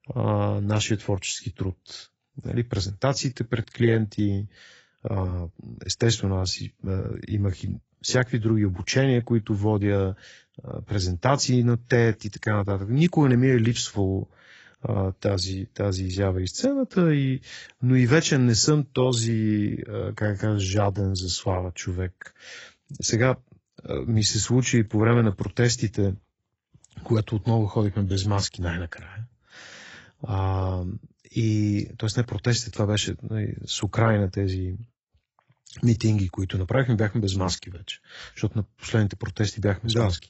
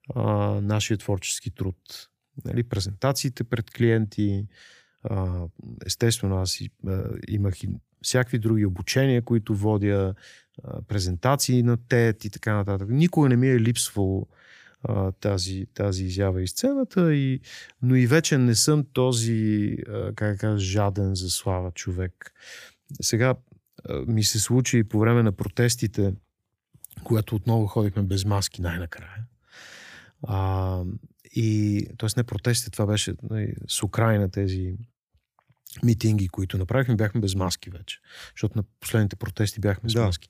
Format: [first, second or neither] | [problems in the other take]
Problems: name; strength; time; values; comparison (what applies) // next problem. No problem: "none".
second | garbled, watery; badly; nothing above 7.5 kHz